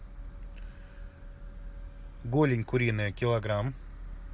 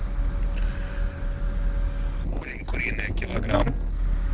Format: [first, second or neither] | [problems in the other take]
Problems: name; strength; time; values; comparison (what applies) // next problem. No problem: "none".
first | noise reduction (neural separator model SepFormer DNS4)